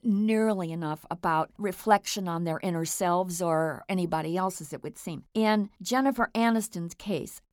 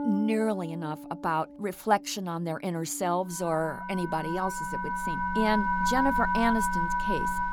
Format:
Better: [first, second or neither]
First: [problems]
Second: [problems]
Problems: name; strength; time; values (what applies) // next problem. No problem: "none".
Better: first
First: none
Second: background music; loud; throughout; as loud as the speech